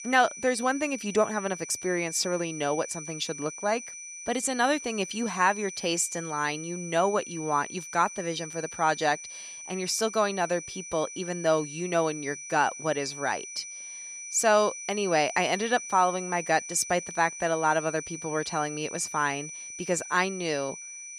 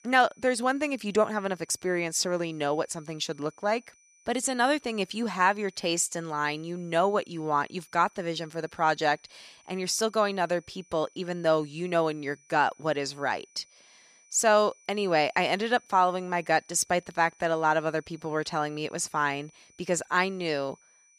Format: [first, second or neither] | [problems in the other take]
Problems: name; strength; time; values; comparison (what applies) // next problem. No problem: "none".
second | high-pitched whine; loud; throughout; 6 kHz, 10 dB below the speech; faint in the second